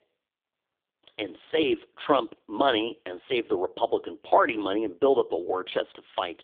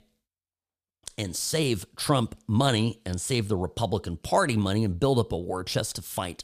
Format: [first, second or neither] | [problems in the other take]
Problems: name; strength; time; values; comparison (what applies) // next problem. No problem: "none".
second | phone-call audio; poor line; nothing above 3.5 kHz